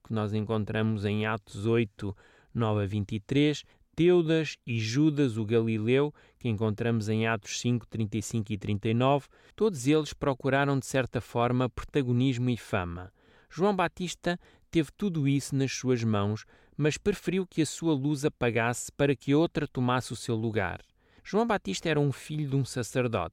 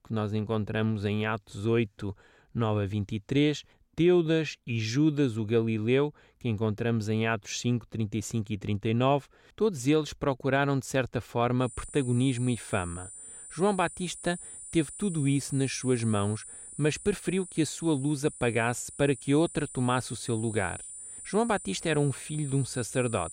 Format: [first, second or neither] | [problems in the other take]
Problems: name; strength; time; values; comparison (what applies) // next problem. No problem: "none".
first | high-pitched whine; noticeable; from 12 s on; 9 kHz, 10 dB below the speech